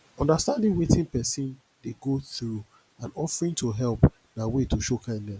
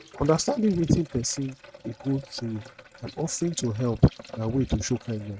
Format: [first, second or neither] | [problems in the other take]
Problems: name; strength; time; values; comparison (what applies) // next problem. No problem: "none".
first | noise reduction (neural mask model RNNoise)